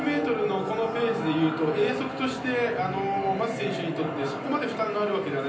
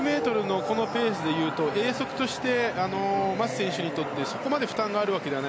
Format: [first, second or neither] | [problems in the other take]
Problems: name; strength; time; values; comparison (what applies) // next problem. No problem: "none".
second | room echo; dies away in 0.6 s